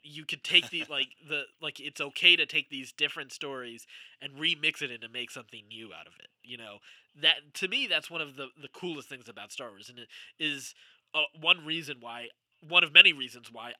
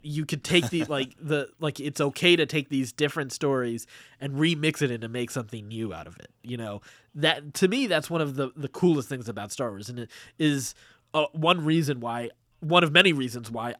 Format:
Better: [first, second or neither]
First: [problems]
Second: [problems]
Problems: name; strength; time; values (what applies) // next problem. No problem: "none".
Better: second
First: thin; somewhat; fading below 850 Hz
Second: none